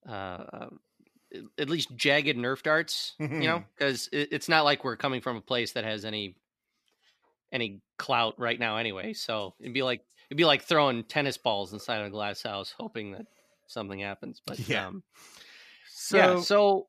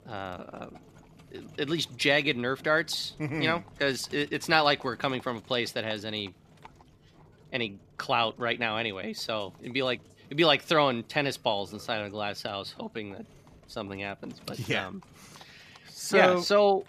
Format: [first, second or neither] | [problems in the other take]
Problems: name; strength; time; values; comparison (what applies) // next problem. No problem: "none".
first | animal sounds; faint; throughout; 25 dB below the speech